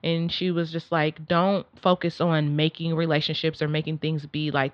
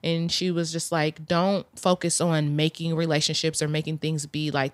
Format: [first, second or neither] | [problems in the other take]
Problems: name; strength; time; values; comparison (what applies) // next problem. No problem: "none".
second | muffled; slightly; fading above 4 kHz